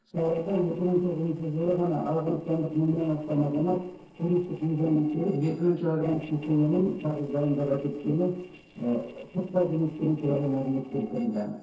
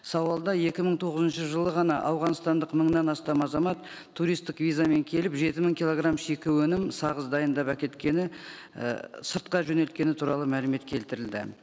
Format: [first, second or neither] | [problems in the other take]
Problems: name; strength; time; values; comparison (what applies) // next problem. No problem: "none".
second | noise reduction (neural separator model SepFormer DNS4)